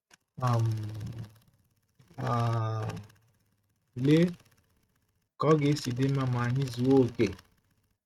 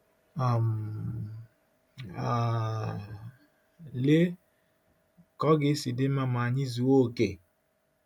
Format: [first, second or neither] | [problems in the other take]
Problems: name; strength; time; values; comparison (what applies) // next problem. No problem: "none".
second | noise reduction (neural mask model RNNoise)